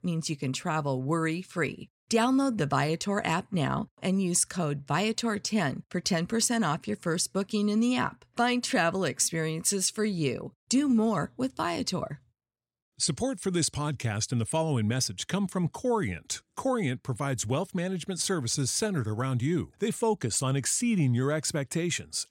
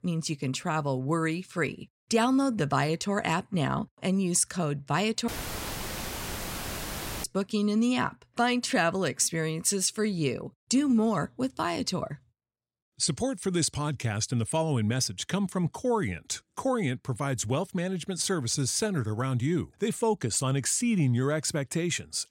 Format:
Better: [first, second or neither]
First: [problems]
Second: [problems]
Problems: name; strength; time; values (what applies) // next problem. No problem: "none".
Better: first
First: none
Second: audio cutting out; filled with static; at 5.5 s for 2 s